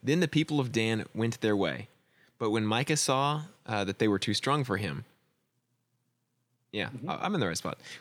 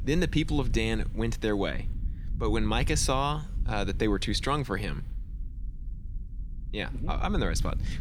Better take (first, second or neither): first